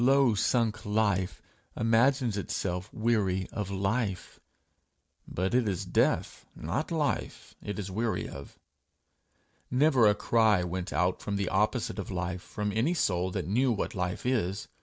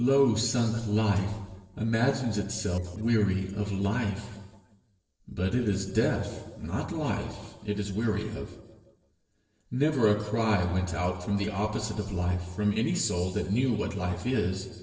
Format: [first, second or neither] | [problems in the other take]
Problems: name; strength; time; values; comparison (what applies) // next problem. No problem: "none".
first | noise reduction (neural separator model SepFormer DNS4)